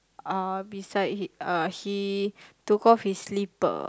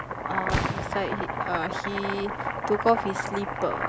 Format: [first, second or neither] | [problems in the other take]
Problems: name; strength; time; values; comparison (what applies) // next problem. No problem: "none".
first | background sound (Boiling + Fireworks); as loud as the speech